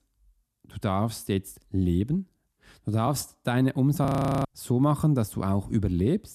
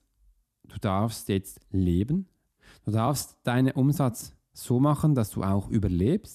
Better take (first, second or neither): second